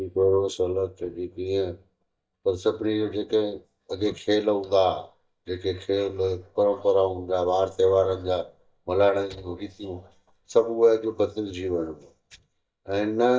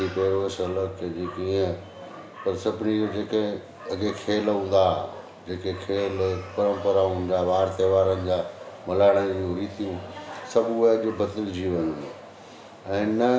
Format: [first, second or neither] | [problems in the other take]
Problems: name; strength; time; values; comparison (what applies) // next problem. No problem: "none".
second | noise reduction (neural mask model DeepFilterNet 3)